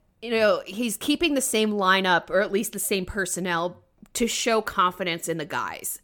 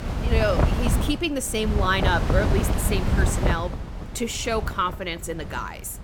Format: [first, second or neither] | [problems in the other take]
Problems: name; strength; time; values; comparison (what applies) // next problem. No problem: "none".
first | wind noise on the microphone; heavy; 5 dB below the speech